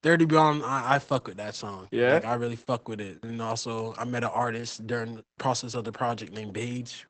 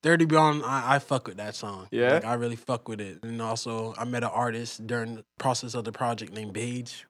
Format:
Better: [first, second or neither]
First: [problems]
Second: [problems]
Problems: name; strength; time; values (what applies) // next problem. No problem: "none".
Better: second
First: garbled, watery; badly; nothing above 8 kHz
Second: none